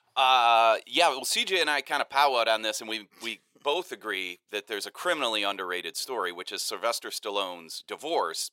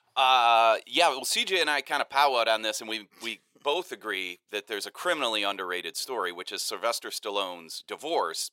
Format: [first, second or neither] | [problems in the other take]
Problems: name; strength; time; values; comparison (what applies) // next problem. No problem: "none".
neither | thin; very; fading below 550 Hz; the same in both